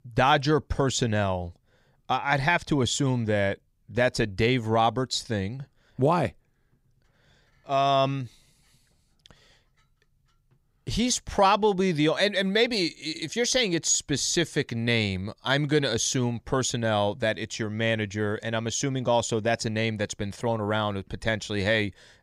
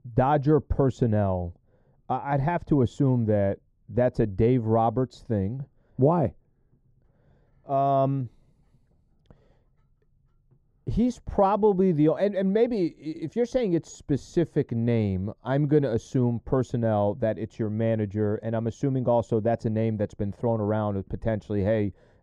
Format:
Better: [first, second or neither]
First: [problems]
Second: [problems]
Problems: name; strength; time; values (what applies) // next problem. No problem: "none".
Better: first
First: none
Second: muffled; very; fading above 1.5 kHz